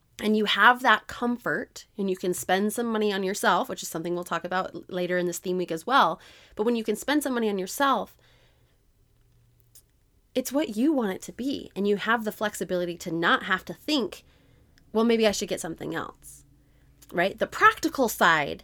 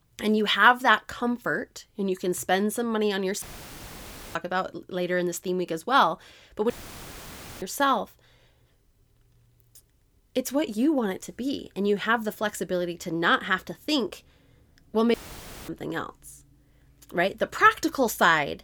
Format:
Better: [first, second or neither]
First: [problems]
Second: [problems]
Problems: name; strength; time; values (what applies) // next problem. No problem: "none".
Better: first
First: none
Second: audio cutting out; filled with static; at 3.5 s for 1 s, at 6.5 s for 1 s and at 15 s for 0.5 s